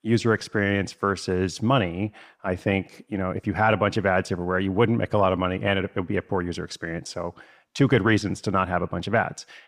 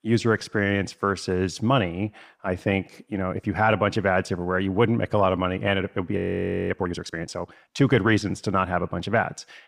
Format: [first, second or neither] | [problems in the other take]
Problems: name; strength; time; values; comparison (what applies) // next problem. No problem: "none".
first | audio freezing; at 6 s for 0.5 s